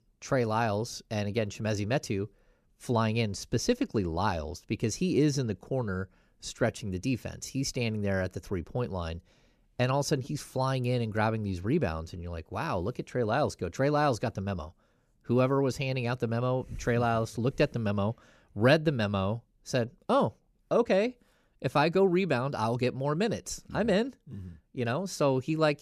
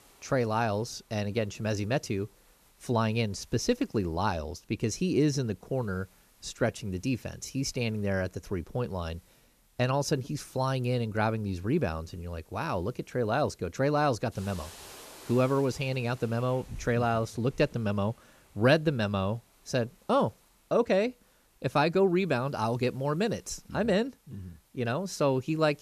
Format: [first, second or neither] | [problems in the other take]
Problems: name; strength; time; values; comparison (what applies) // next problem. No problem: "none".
first | hiss; faint; throughout; 25 dB below the speech